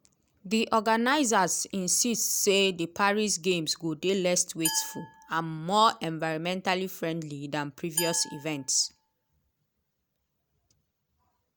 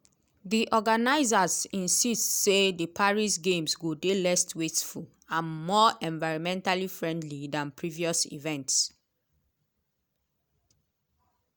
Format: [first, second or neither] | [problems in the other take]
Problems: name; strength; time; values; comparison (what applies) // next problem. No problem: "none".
second | background sound (Glass); 11 dB below the speech